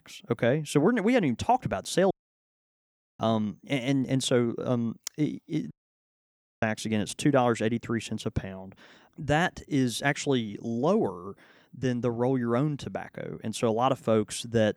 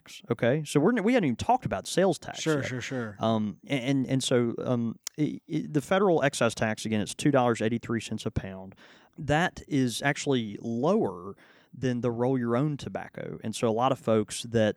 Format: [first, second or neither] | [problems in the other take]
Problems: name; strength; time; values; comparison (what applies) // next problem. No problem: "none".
second | audio cutting out; at 2 s for 1 s and at 5.5 s for 1 s